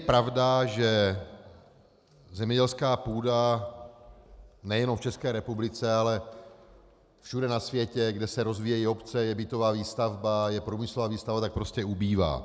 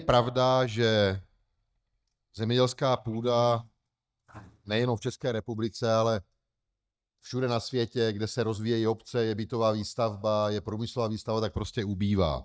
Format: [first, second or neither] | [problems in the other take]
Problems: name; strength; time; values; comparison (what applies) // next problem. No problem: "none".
first | noise reduction (neural mask model DeepFilterNet 3)